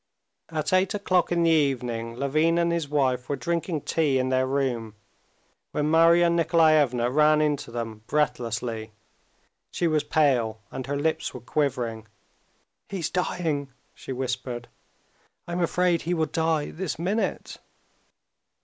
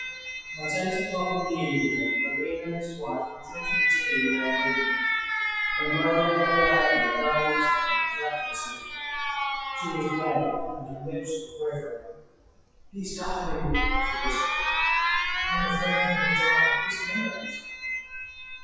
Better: first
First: none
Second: noise reduction (classical method WPE with log-MMSE)

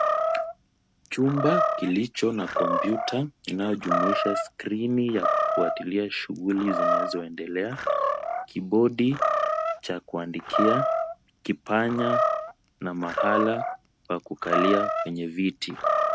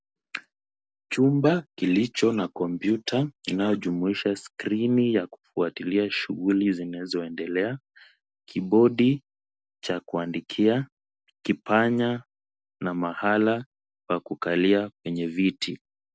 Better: second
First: background sound (Animal); as loud as the speech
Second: none

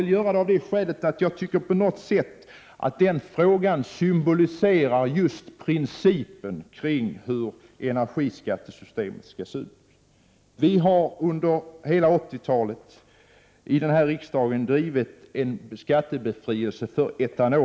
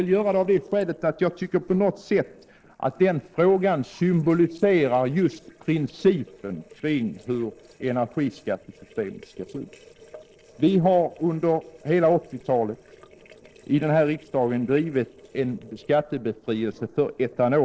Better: first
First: none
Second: noise reduction (neural separator model SepFormer DNS4)

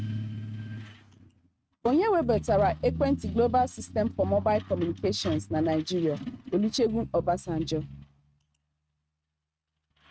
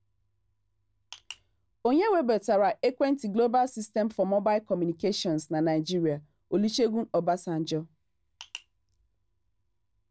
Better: second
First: noise reduction (neural mask model RNNoise)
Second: none

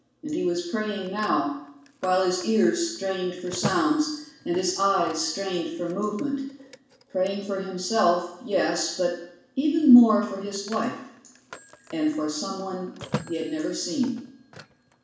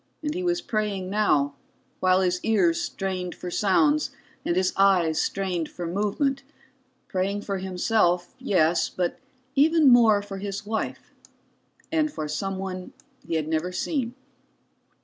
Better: second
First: background sound (Telephone); 17 dB below the speech // room echo; dies away in 0.7 s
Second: none

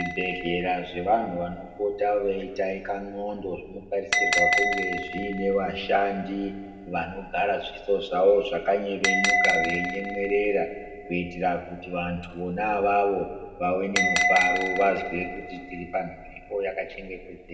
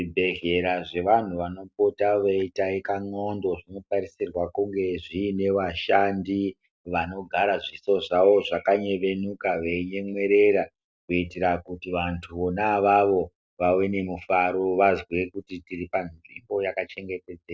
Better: second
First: background sound (Bell); 3 dB below the speech // room echo; dies away in 1.7 s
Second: none

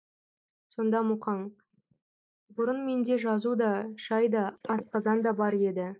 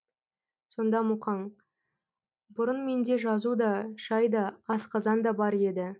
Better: second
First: noise reduction (neural mask model Resemble Enhance denoiser)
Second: none

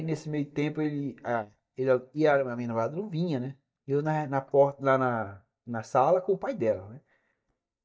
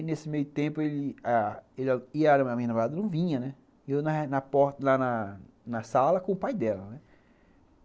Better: second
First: noise reduction (neural mask model DeepFilterNet 3)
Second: none

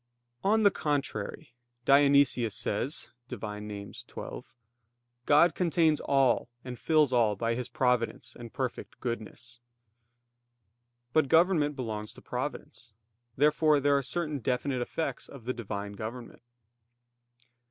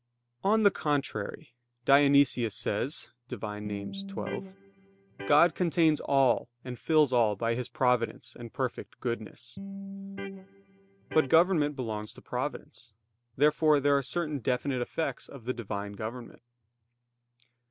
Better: first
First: none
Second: background sound (Electric guitar); 11 dB below the speech

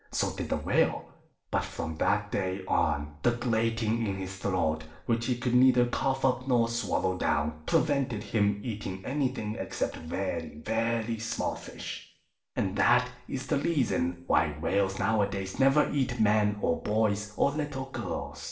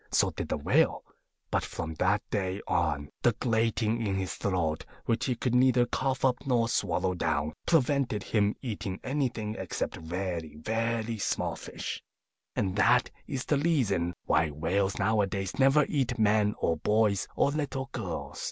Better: second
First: room echo; dies away in 0.5 s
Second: none

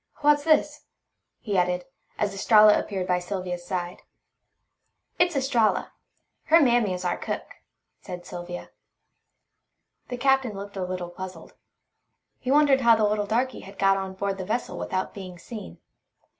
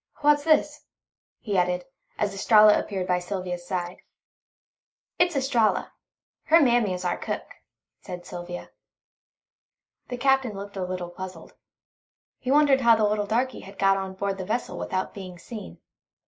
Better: first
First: none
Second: noise reduction (neural mask model Resemble Enhance denoiser)

